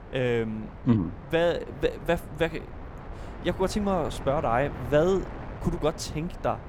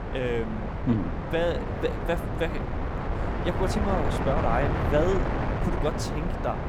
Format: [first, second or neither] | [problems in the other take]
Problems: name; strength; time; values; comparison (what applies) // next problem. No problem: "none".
first | wind noise on the microphone; heavy; 2 dB below the speech; occasional gusts in the first